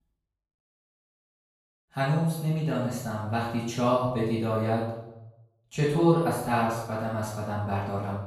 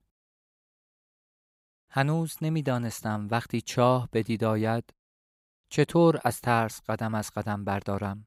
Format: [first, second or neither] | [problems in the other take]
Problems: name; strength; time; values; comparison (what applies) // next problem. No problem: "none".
second | off-mic speech; far // room echo; noticeable; dies away in 0.7 s